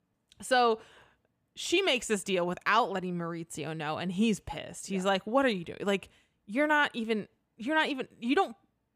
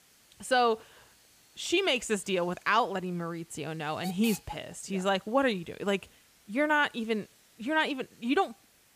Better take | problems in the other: first | hiss; faint; throughout; 20 dB below the speech

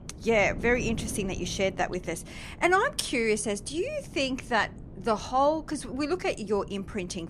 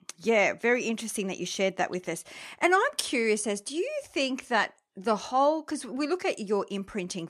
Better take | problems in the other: second | wind noise on the microphone; occasional gusts; 20 dB below the speech

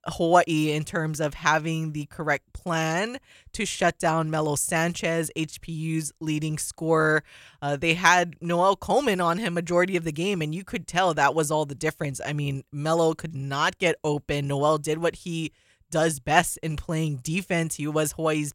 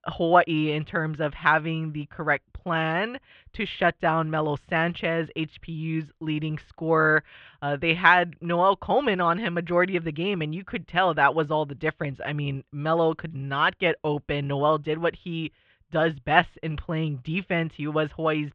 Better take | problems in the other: first | muffled; very; fading above 3.5 kHz

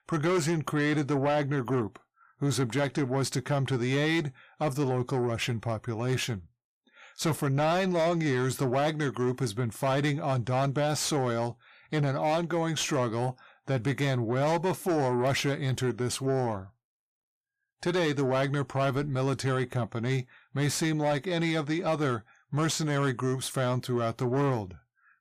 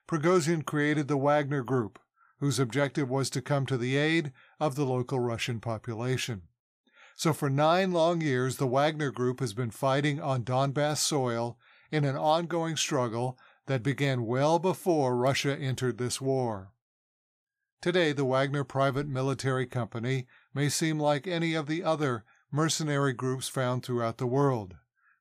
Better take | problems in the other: second | distortion; slight; 10 dB below the speech

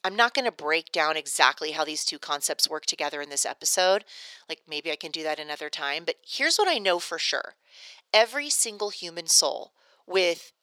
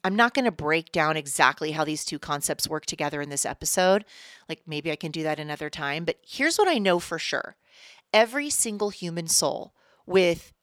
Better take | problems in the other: second | thin; somewhat; fading below 500 Hz

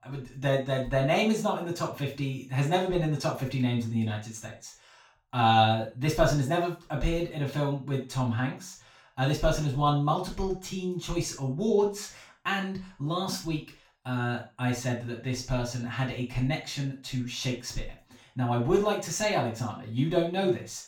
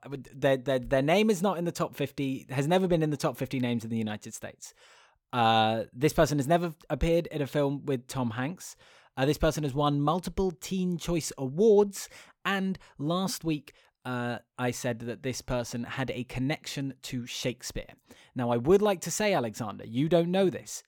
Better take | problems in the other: second | room echo; slight; dies away in 0.3 s // off-mic speech; far

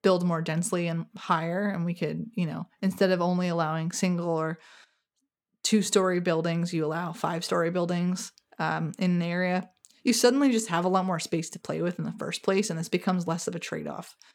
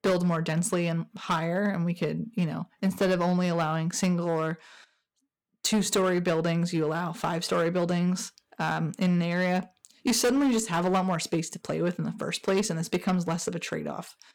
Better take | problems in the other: first | distortion; slight; 6% of the sound clipped

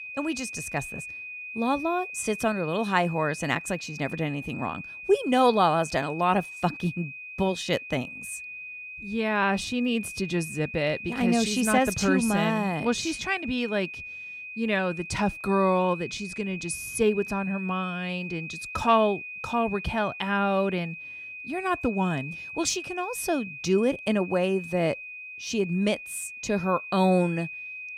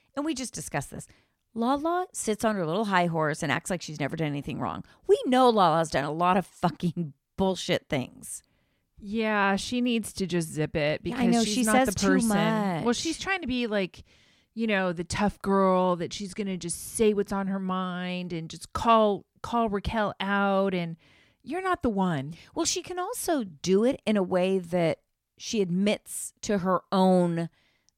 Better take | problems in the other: second | high-pitched whine; noticeable; throughout; 2.5 kHz, 10 dB below the speech

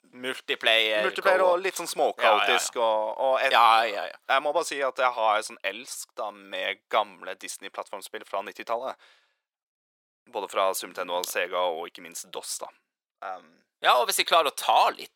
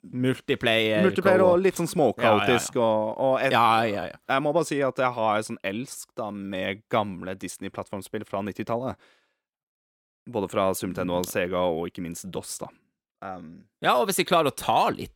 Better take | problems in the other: second | thin; very; fading below 750 Hz

